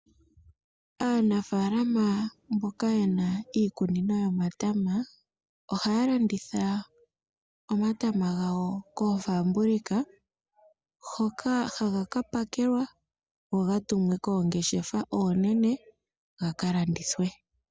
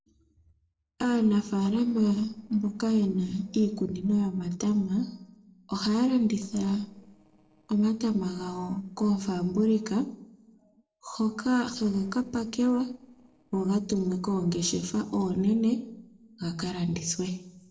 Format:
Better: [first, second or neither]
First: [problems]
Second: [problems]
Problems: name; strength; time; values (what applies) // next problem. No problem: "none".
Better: first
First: none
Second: noise reduction (neural separator model SepFormer DNS4)